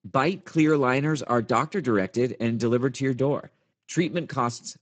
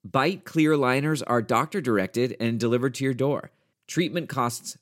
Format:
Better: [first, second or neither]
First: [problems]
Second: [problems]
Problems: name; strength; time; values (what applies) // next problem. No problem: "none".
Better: second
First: garbled, watery; badly; nothing above 8 kHz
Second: none